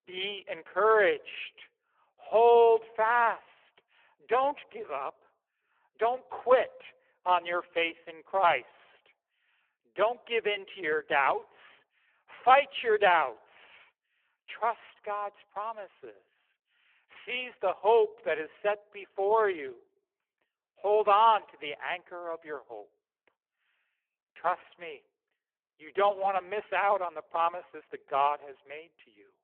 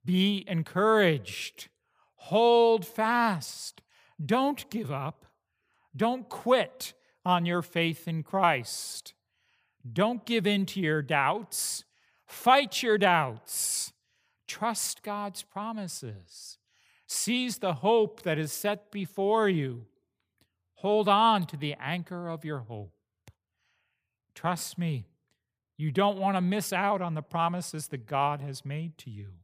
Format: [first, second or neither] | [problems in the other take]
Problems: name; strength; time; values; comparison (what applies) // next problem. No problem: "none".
second | phone-call audio; poor line